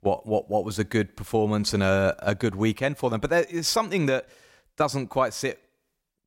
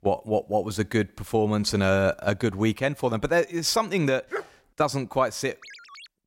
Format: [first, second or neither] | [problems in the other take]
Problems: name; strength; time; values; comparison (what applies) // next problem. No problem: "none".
first | dog barking; noticeable; at 4.5 s; peak 10 dB below the speech // phone ringing; faint; at 5.5 s; peak 20 dB below the speech